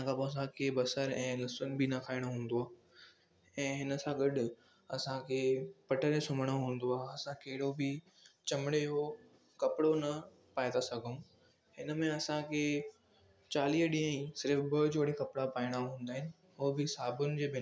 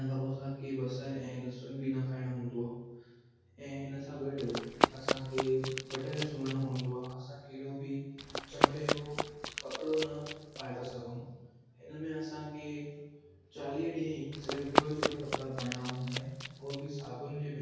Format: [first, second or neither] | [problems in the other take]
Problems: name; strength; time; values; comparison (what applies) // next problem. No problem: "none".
first | background sound (Run); 2 dB above the speech // room echo; dies away in 1.3 s